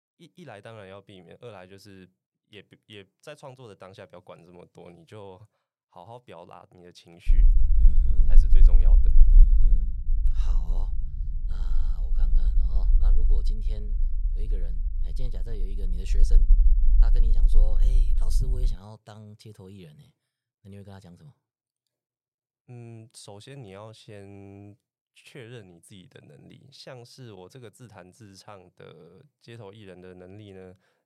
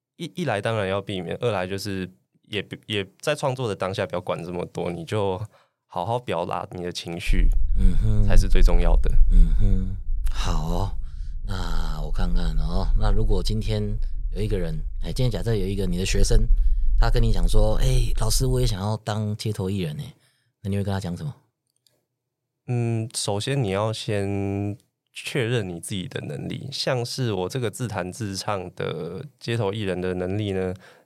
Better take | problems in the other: second | low rumble; loud; from 7.5 to 19 s; 4 dB below the speech; faint in the second

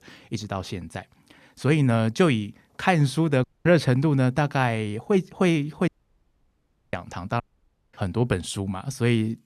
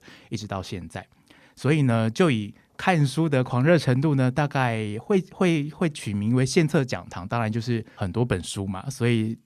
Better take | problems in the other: second | audio cutting out; at 3.5 s, at 6 s for 1 s and at 7.5 s for 0.5 s

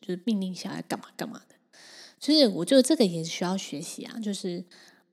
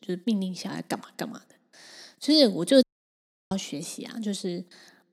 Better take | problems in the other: first | audio cutting out; at 3 s for 0.5 s

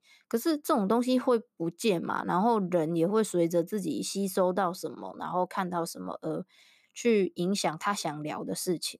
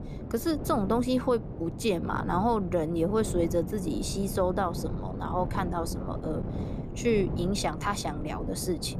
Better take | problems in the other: first | wind noise on the microphone; occasional gusts; 10 dB below the speech

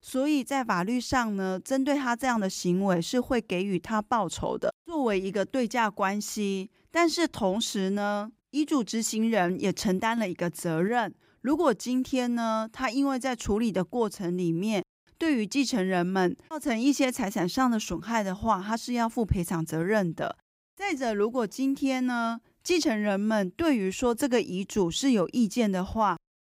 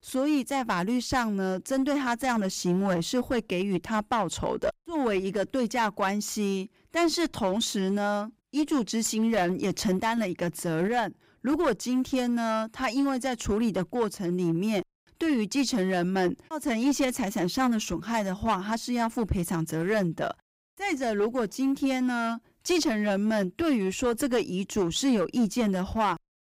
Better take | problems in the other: first | distortion; slight; 8% of the sound clipped

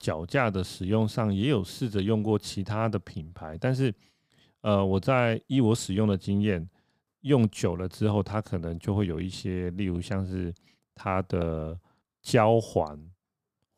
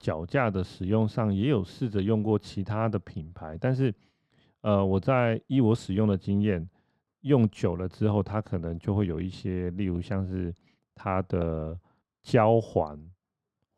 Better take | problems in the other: first | muffled; slightly; fading above 2 kHz

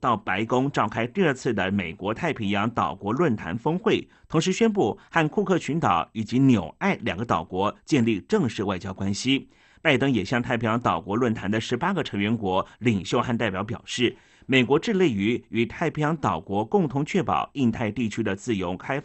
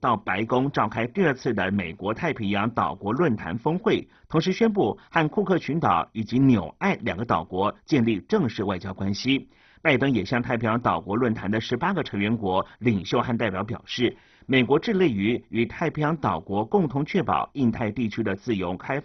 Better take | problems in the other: first | garbled, watery; badly; nothing above 6 kHz; slightly in the first

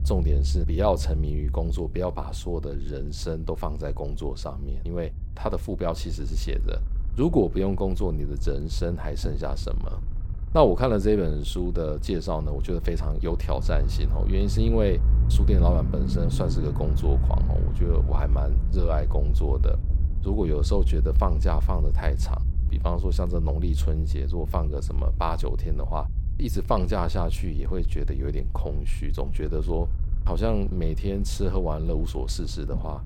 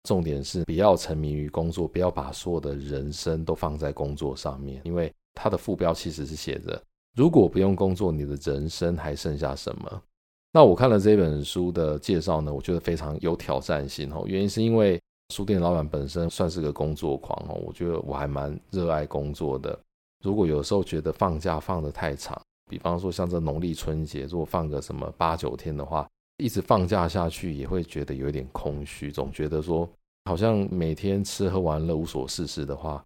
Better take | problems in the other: second | low rumble; noticeable; throughout; 15 dB below the speech

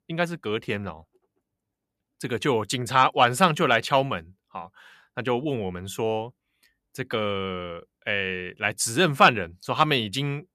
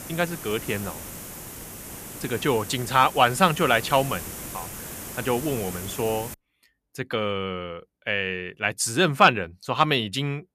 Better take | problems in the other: first | hiss; noticeable; until 6.5 s; 10 dB below the speech

